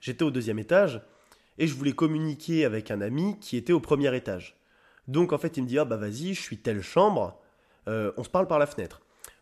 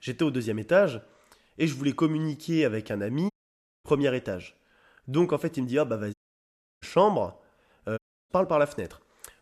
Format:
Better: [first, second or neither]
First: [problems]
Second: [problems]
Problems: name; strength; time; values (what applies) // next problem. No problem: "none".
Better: first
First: none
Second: audio cutting out; at 3.5 s for 0.5 s, at 6 s for 0.5 s and at 8 s